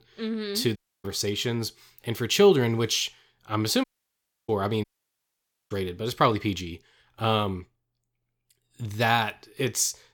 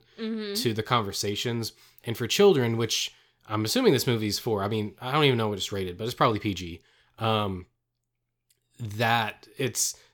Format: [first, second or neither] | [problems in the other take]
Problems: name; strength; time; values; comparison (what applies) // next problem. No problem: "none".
second | audio cutting out; at 1 s, at 4 s for 0.5 s and at 5 s for 1 s